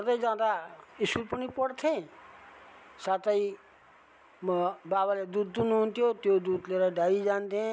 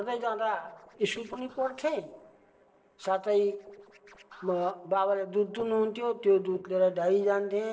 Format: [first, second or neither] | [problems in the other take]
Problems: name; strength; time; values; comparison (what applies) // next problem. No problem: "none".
first | noise reduction (neural separator model SepFormer DNS4)